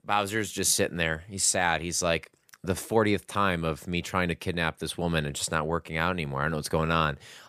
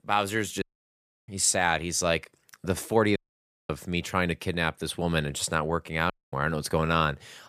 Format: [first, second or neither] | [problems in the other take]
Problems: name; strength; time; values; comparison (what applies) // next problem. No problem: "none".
first | audio cutting out; at 0.5 s for 0.5 s, at 3 s for 0.5 s and at 6 s